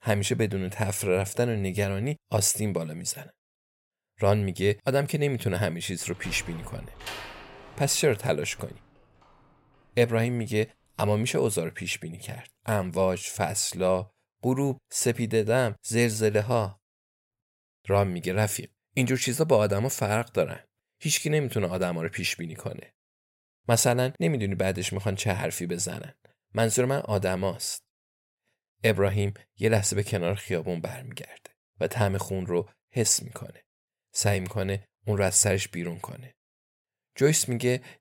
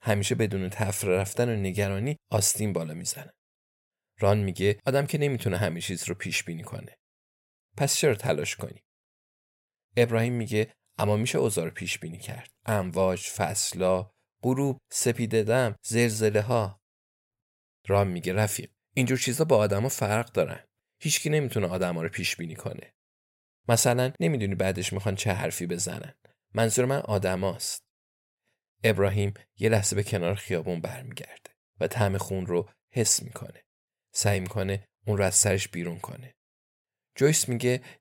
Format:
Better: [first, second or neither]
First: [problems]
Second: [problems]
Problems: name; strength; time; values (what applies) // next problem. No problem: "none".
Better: second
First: door banging; faint; from 6 to 9 s; peak 10 dB below the speech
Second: none